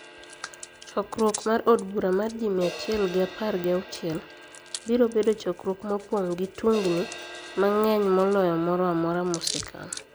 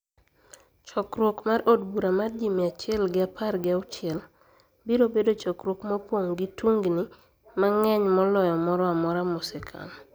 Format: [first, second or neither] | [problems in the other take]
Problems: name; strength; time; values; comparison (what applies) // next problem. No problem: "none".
second | background sound (Hands + Crash cymbal); 15 dB below the speech